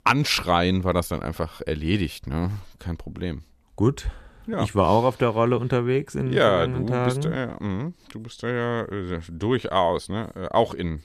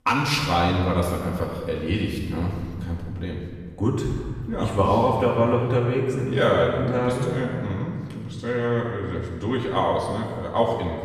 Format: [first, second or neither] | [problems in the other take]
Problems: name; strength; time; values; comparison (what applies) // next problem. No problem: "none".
first | off-mic speech; far // room echo; noticeable; dies away in 1.7 s